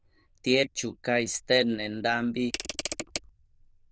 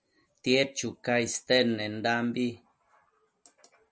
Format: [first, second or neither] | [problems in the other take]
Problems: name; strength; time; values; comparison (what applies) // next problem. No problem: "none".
second | noise reduction (neural diffusion model UNIVERSE++)